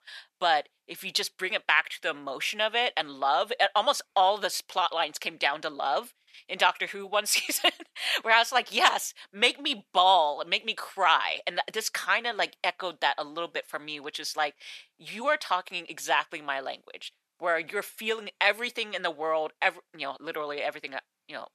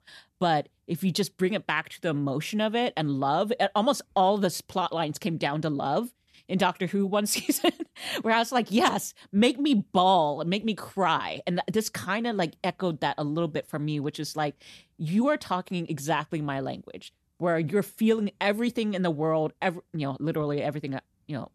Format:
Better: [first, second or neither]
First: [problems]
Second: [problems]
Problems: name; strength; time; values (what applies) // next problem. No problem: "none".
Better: second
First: thin; very; fading below 700 Hz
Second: none